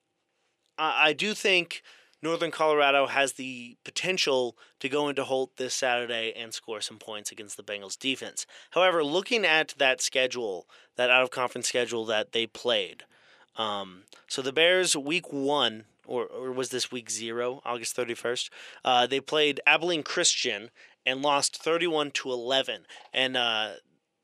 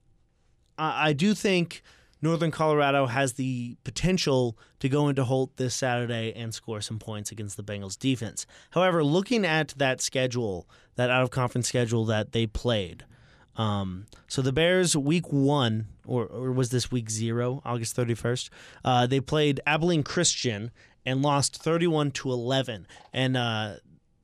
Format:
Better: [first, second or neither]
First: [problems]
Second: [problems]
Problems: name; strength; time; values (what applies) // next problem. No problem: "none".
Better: second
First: thin; somewhat; fading below 450 Hz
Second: none